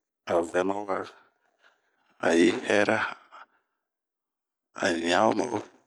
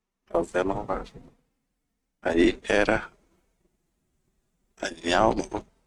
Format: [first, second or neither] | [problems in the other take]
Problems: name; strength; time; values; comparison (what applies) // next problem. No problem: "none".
first | noise reduction (neural mask model RNNoise)